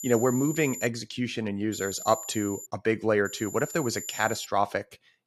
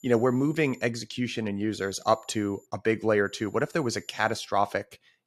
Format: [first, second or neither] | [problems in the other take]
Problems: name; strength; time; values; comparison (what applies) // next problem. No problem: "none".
second | high-pitched whine; loud; at the start, at 1.5 s and from 3.5 to 4.5 s; 7 kHz, 9 dB below the speech; faint in the second